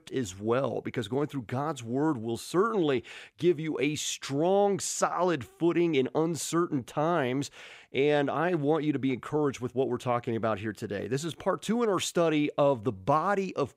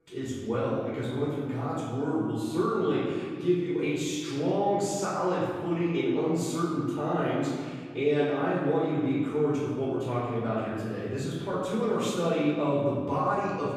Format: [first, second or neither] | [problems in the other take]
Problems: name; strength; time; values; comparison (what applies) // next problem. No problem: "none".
first | off-mic speech; far // room echo; strong; dies away in 1.9 s